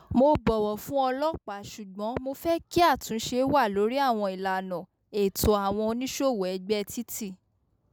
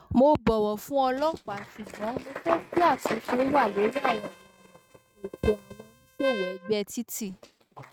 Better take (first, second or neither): first